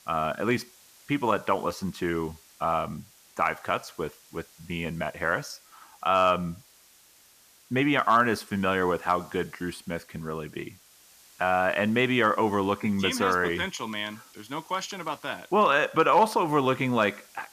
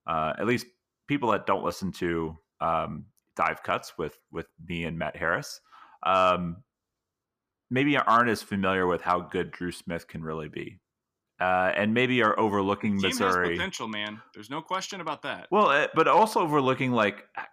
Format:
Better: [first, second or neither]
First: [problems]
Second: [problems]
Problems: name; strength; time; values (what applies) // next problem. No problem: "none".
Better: second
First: hiss; faint; throughout; 25 dB below the speech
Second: none